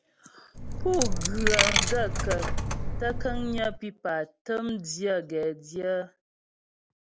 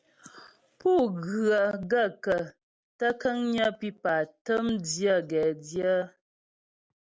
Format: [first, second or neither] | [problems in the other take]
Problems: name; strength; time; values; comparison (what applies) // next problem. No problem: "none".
second | background sound (Coin (dropping)); 4 dB above the speech